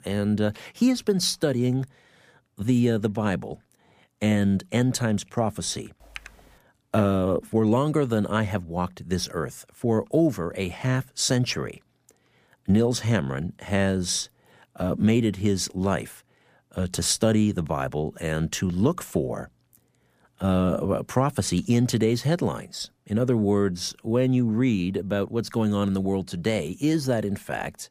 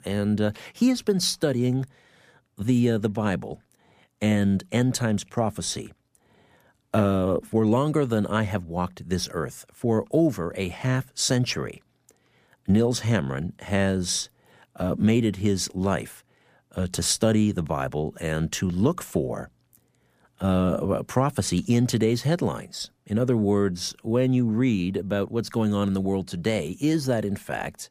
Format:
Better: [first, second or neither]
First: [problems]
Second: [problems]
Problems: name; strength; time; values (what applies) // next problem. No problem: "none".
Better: second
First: keyboard typing; faint; at 6 s; peak 15 dB below the speech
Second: none